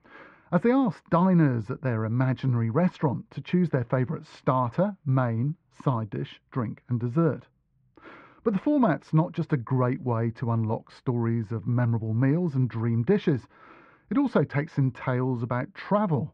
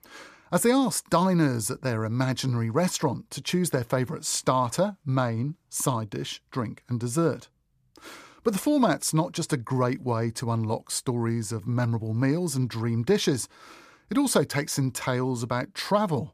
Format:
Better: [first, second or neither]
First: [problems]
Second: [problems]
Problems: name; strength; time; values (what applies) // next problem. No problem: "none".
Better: second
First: muffled; very; fading above 2.5 kHz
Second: none